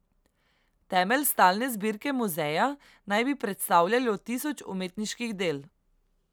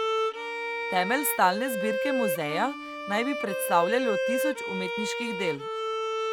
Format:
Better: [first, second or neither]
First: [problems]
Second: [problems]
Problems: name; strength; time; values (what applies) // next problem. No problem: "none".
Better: first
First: none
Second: background sound (Bowed string instrument); 1 dB below the speech